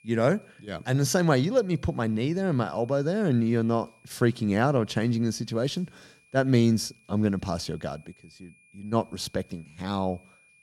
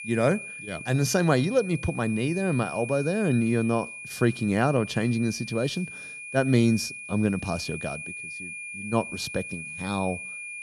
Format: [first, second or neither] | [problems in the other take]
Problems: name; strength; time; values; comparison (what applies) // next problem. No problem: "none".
first | high-pitched whine; loud; throughout; 2.5 kHz, 10 dB below the speech; faint in the first